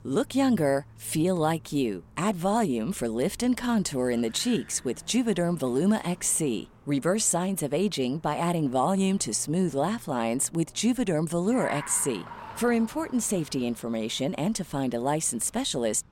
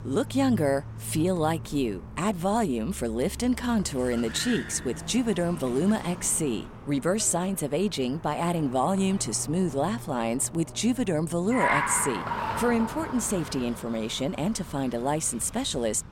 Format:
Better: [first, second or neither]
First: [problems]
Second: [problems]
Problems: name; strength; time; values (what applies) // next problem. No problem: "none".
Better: first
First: traffic noise; faint; throughout; 20 dB below the speech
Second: traffic noise; loud; throughout; 9 dB below the speech